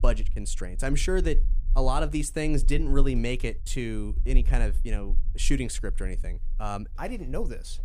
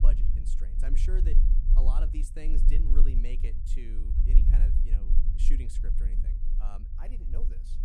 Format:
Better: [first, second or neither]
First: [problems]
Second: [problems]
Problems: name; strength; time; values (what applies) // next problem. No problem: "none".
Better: first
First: low rumble; faint; throughout; 25 dB below the speech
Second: low rumble; loud; throughout; 3 dB below the speech